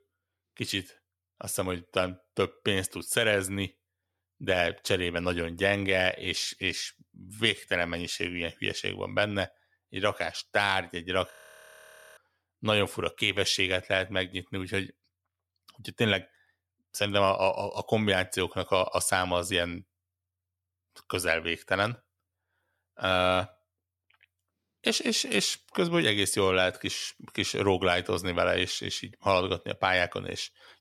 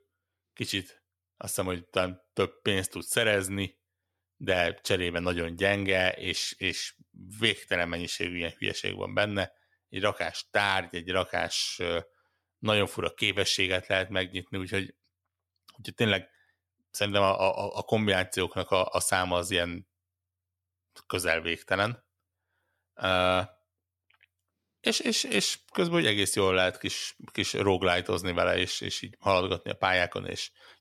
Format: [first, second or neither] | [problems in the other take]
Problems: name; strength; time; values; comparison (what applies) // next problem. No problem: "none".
second | audio freezing; at 11 s for 1 s